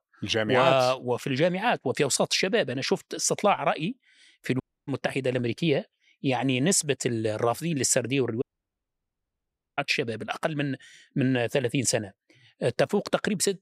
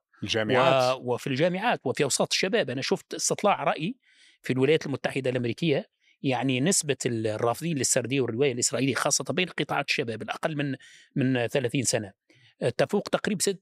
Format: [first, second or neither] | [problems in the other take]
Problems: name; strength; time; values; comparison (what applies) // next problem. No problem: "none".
second | audio cutting out; at 4.5 s and at 8.5 s for 1.5 s